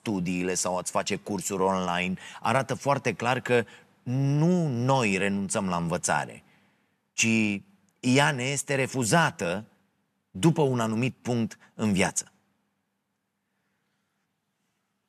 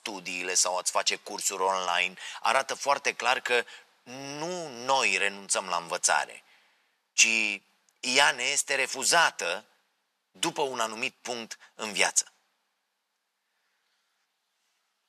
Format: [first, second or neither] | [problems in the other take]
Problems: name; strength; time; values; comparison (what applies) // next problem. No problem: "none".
first | thin; very; fading below 650 Hz